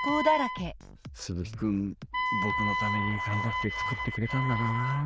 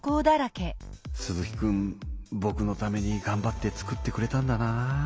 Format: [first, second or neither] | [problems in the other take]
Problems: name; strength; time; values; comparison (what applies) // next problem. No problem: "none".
second | noise reduction (neural diffusion model UNIVERSE++)